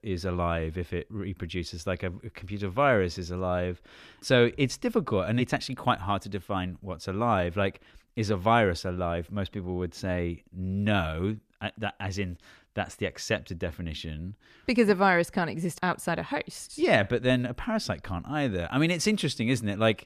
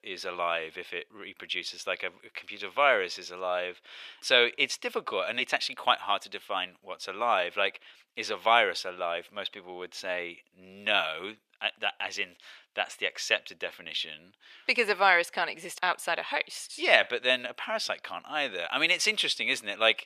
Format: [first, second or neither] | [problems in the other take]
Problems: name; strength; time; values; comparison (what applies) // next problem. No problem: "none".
first | thin; very; fading below 650 Hz